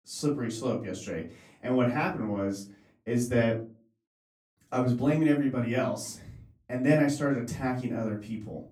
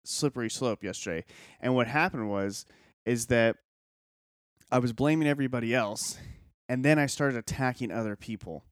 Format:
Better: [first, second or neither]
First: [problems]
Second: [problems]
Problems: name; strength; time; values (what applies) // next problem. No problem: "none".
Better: second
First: off-mic speech; far // room echo; slight; dies away in 0.3 s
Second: none